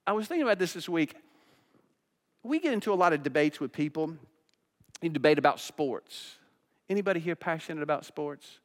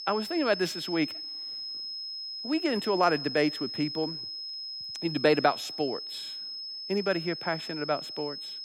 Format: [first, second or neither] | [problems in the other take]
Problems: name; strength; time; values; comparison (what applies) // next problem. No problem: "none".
first | high-pitched whine; loud; throughout; 5 kHz, 6 dB below the speech